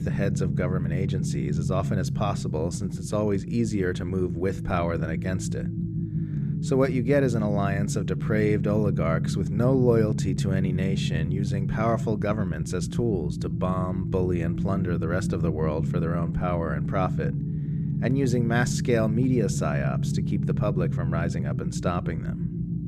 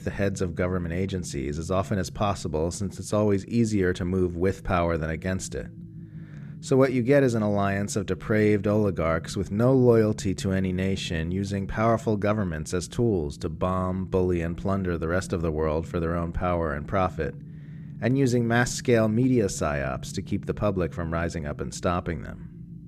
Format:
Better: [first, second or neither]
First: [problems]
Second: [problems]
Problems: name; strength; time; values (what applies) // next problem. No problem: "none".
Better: second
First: low rumble; loud; throughout; 8 dB below the speech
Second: low rumble; faint; throughout; 25 dB below the speech